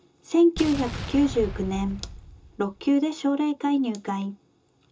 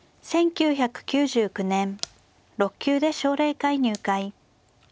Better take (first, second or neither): second